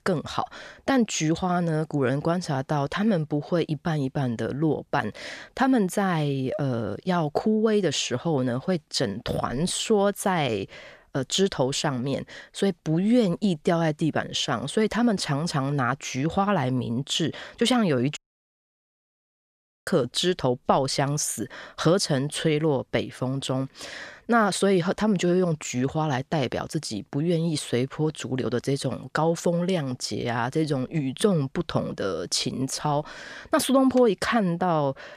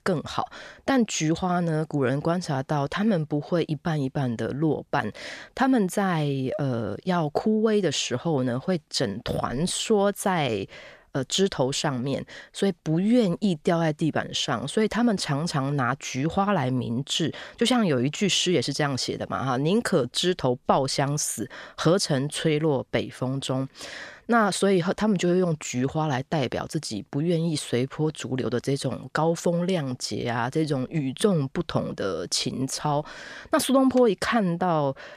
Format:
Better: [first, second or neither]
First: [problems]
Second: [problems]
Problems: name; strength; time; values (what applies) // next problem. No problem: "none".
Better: second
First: audio cutting out; at 18 s for 1.5 s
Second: none